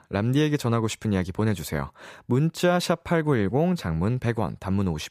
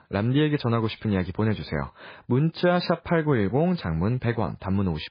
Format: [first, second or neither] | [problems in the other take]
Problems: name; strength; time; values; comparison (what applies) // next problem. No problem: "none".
first | garbled, watery; badly; nothing above 4.5 kHz